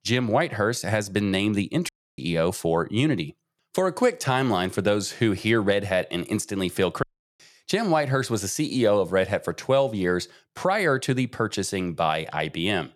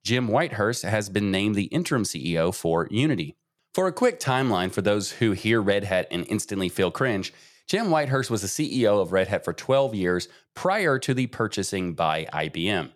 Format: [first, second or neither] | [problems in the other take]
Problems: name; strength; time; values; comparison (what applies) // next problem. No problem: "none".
second | audio cutting out; at 2 s and at 7 s